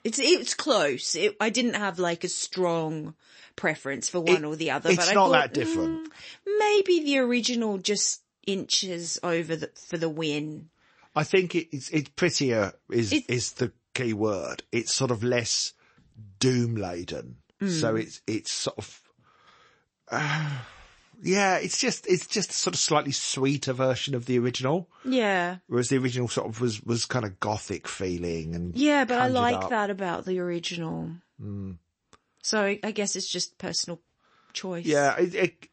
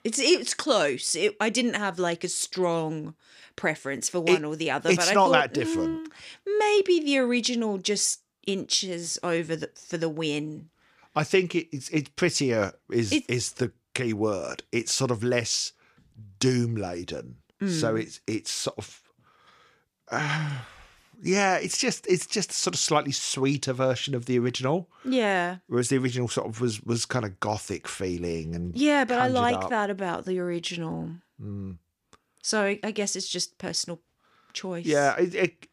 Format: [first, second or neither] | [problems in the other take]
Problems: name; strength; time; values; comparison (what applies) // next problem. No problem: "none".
second | garbled, watery; slightly; nothing above 8 kHz